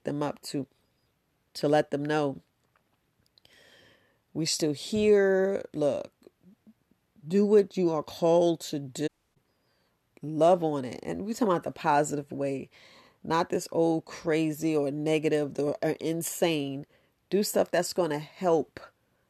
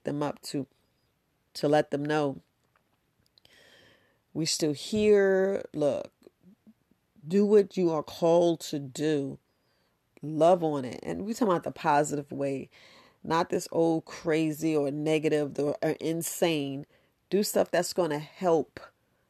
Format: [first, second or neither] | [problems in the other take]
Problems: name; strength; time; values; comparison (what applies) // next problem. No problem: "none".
second | audio cutting out; at 9 s